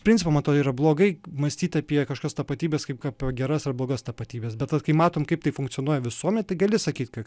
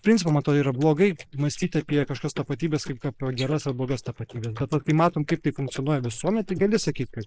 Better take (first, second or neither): first